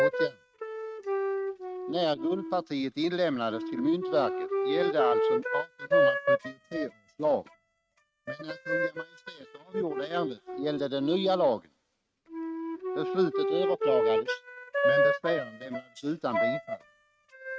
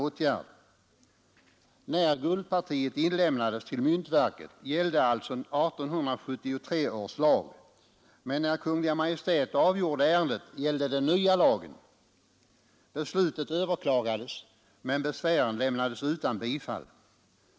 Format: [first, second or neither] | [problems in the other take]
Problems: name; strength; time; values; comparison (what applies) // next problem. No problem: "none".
second | noise reduction (neural mask model RNNoise)